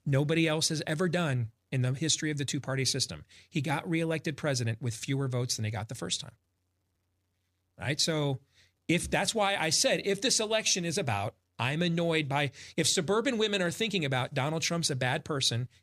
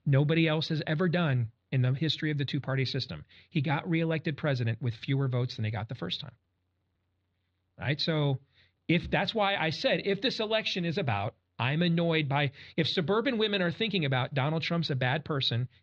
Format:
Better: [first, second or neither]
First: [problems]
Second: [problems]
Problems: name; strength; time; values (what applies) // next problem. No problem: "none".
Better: first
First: none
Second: muffled; slightly; fading above 4 kHz